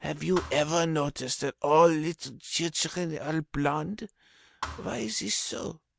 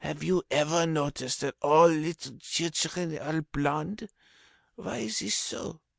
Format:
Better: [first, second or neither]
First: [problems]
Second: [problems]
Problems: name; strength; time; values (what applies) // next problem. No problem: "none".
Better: second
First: background sound (Thump, thud); 14 dB below the speech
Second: none